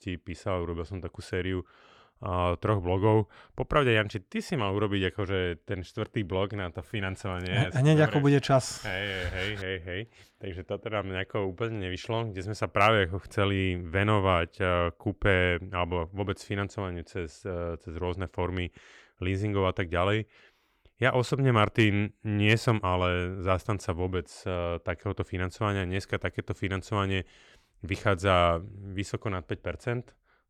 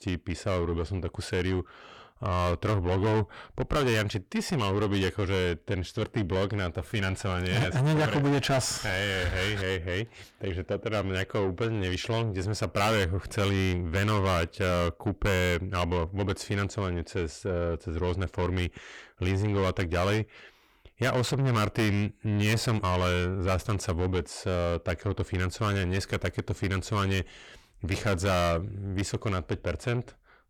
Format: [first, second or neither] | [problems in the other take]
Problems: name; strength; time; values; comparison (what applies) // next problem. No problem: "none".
first | distortion; heavy; 6 dB below the speech